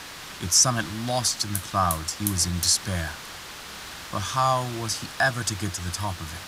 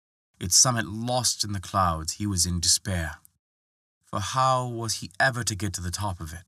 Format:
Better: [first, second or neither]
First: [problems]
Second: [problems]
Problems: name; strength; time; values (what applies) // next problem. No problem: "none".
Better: second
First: hiss; noticeable; throughout; 10 dB below the speech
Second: none